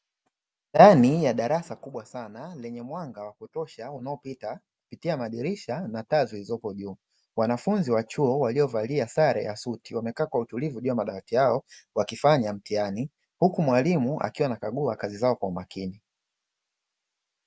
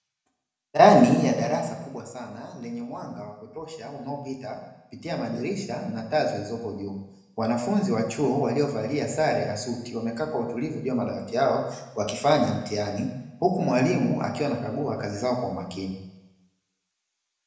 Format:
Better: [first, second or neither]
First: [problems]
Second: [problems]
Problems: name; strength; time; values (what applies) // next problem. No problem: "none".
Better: first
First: none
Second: room echo; dies away in 0.9 s